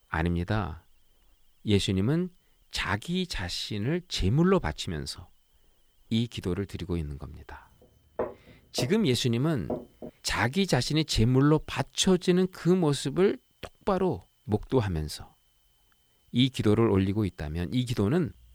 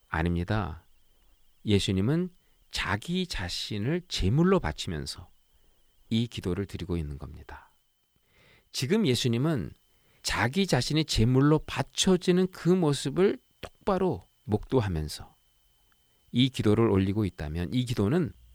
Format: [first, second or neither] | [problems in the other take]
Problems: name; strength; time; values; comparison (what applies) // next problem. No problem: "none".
second | footsteps; noticeable; from 8 to 10 s; peak 8 dB below the speech